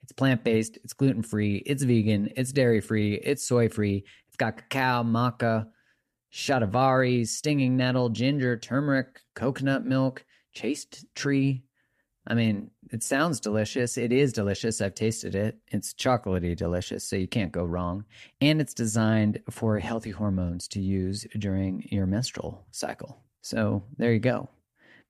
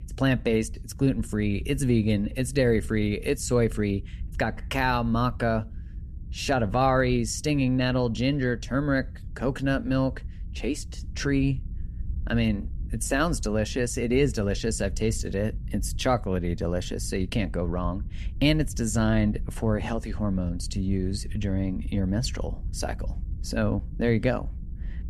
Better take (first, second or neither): first